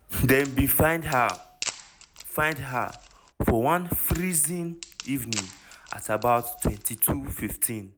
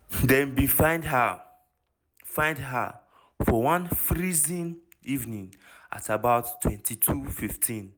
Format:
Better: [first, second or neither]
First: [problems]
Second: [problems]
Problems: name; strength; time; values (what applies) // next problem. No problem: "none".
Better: second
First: background sound (Wood); 15 dB below the speech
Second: none